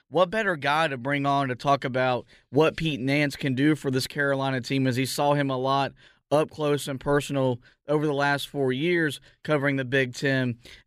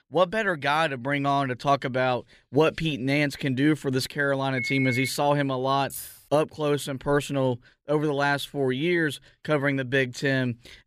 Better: first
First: none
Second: phone ringing; noticeable; at 4.5 s; peak 2 dB below the speech // jangling keys; faint; at 6 s; peak 10 dB below the speech

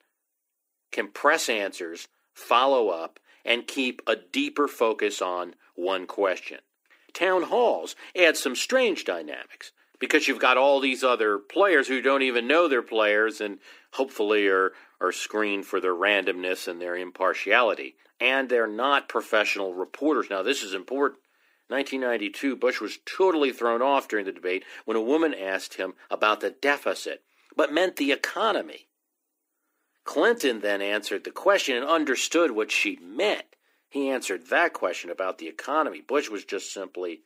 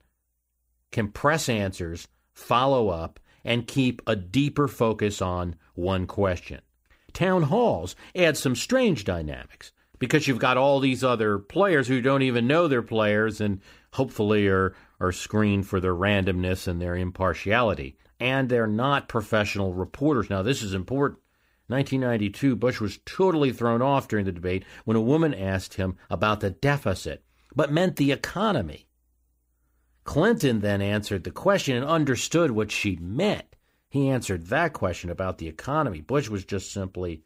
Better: second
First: thin; somewhat; fading below 300 Hz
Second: none

